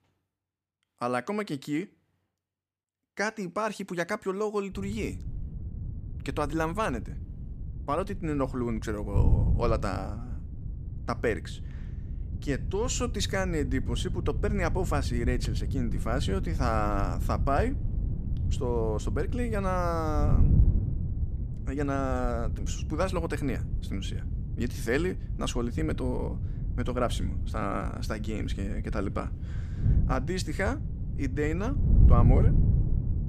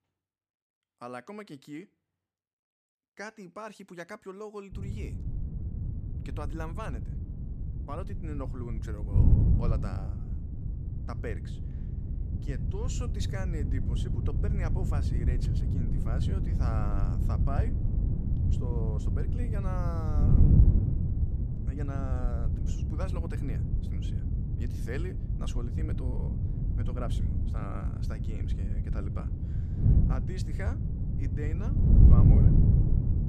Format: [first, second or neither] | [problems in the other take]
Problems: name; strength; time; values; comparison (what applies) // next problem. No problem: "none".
first | wind noise on the microphone; heavy; from 4.5 s on; 1 dB above the speech; occasional gusts in the first